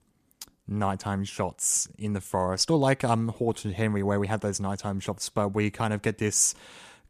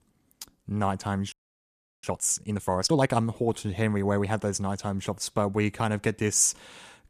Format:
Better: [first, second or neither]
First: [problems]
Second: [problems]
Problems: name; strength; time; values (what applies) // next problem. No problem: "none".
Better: first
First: none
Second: audio freezing; at 1.5 s for 0.5 s